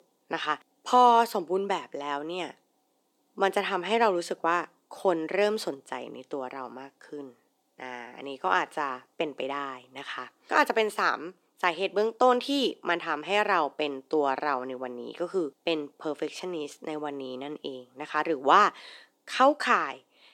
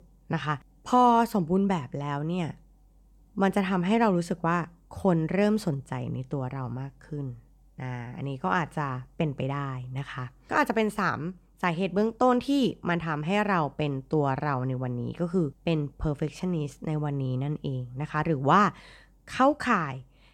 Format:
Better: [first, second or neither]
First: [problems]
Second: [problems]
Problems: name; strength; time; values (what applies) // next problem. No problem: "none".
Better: second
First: thin; somewhat; fading below 300 Hz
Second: none